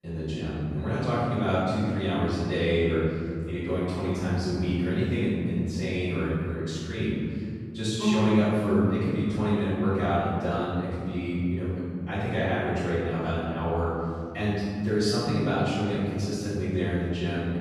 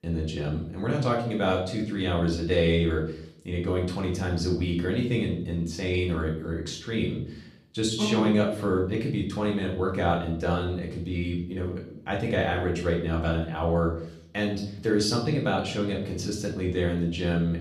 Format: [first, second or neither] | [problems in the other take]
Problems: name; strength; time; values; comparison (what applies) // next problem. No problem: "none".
second | room echo; strong; dies away in 2.4 s; slight in the second // off-mic speech; far; far in the second